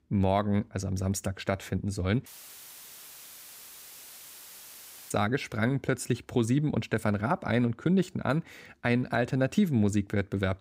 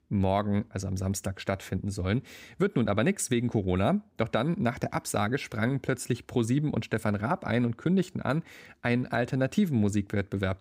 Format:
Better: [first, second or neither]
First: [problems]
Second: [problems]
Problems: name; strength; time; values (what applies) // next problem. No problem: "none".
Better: second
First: audio cutting out; filled with static; at 2.5 s for 3 s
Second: none